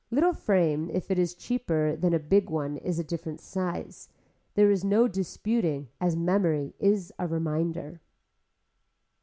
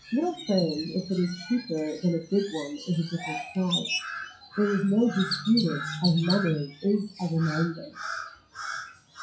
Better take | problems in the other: first | noise reduction (classical method WPE with log-MMSE)

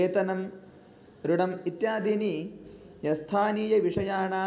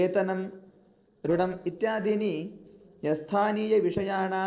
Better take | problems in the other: first | noise reduction (neural separator model SepFormer DNS4)

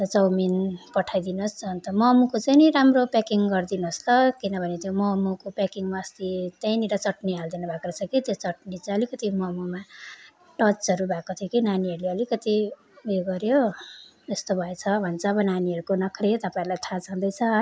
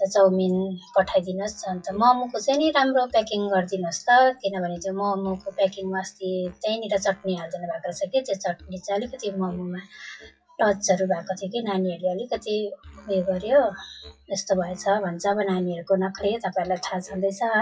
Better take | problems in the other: first | noise reduction (classical method WPE with log-MMSE)

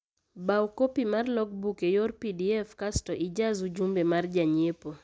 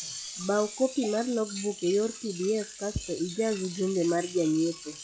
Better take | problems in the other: first | noise reduction (classical method log-MMSE)

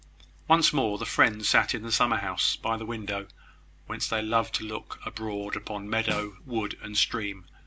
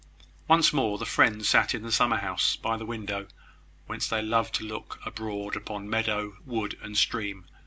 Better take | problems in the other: second | background sound (Snare drum); 14 dB below the speech

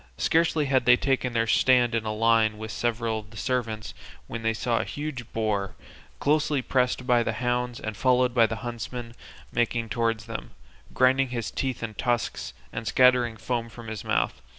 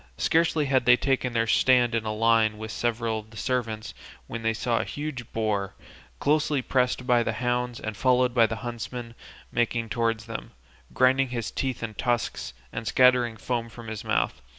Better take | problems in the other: second | background sound (Dog); 16 dB below the speech

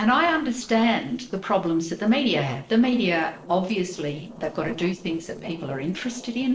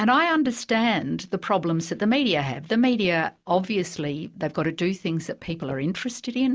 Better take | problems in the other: second | noise reduction (neural separator model SepFormer DNS4)

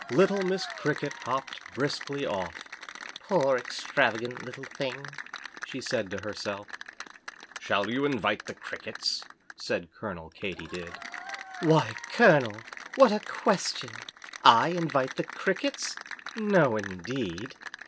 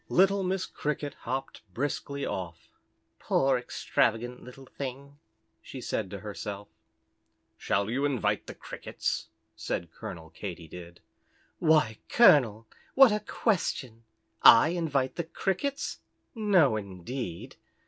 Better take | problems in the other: second | background sound (Applause / Cheering); 13 dB below the speech

